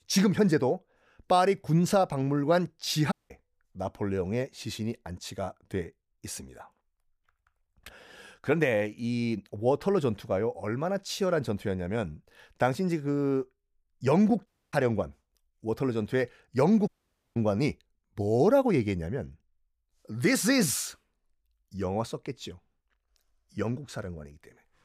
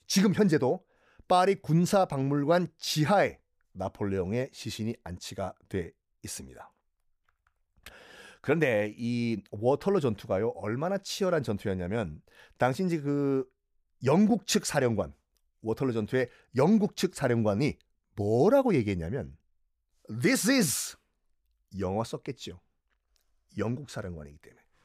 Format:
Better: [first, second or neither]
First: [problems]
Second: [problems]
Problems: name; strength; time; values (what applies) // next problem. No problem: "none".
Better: second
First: audio cutting out; at 3 s, at 14 s and at 17 s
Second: none